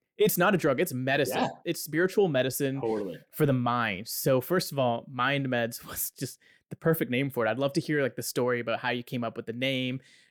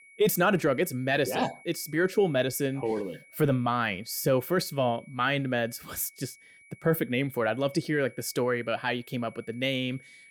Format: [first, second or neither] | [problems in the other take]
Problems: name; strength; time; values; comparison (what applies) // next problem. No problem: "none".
first | high-pitched whine; faint; throughout; 2.5 kHz, 25 dB below the speech